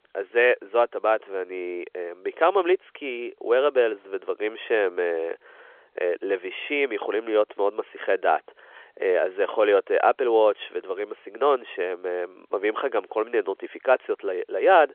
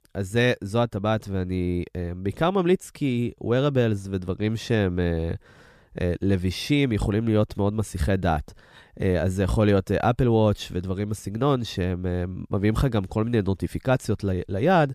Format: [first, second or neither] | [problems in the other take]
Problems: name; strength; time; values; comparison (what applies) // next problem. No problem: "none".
second | phone-call audio; nothing above 3.5 kHz